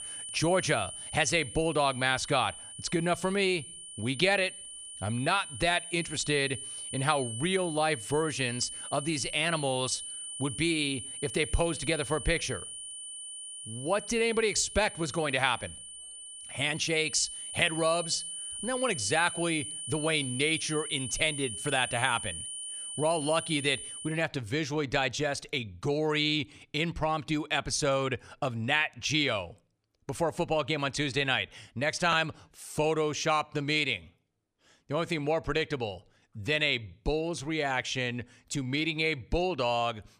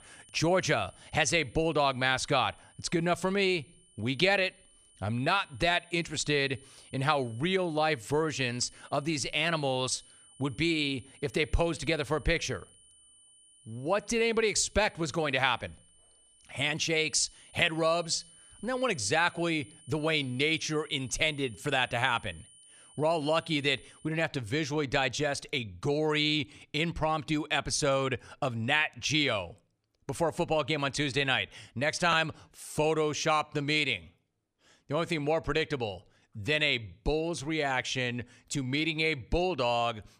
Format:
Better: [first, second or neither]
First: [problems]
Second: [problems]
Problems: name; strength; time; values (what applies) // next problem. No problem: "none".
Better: second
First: high-pitched whine; loud; until 24 s; 9 kHz, 9 dB below the speech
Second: high-pitched whine; faint; until 24 s; 9 kHz, 25 dB below the speech